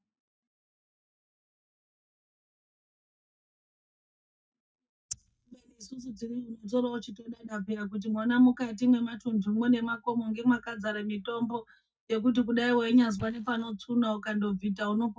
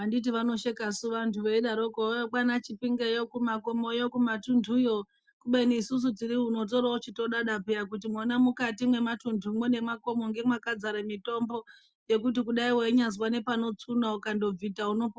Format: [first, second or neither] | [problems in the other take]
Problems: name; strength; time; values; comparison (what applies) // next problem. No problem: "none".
second | noise reduction (neural mask model DeepFilterNet 3)